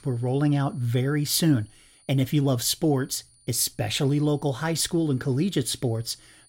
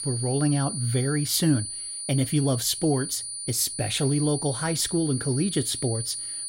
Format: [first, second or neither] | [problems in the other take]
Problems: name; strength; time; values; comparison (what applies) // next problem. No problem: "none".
first | high-pitched whine; loud; throughout; 9.5 kHz, 5 dB below the speech; faint in the first